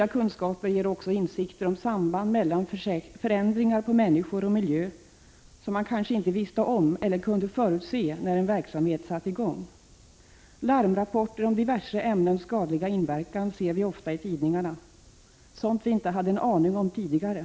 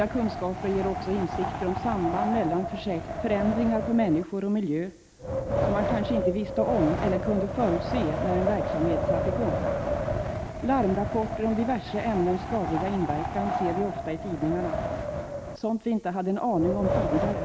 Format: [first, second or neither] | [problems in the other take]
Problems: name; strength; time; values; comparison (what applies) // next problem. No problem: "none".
first | background sound (Wind); 2 dB below the speech